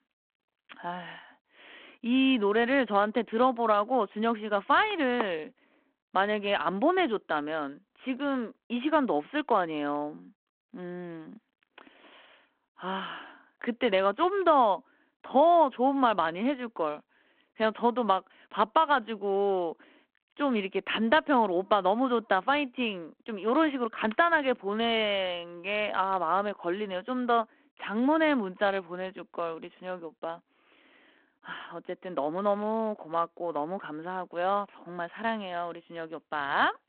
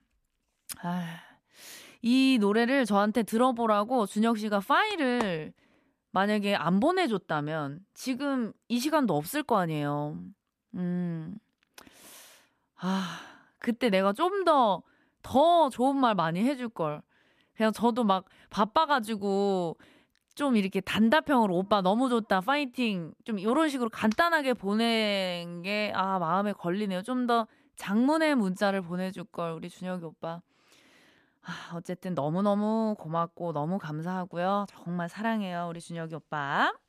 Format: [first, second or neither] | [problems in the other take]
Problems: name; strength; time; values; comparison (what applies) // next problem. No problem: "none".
second | phone-call audio